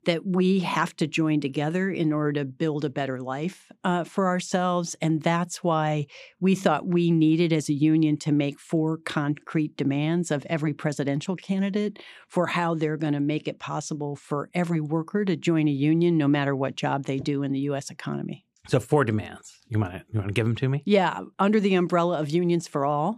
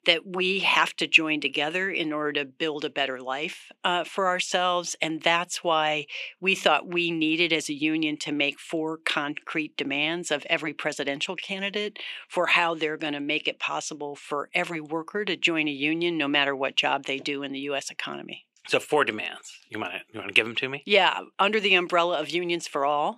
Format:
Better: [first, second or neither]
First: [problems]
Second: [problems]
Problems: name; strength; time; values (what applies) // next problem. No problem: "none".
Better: first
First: none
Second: thin; somewhat; fading below 450 Hz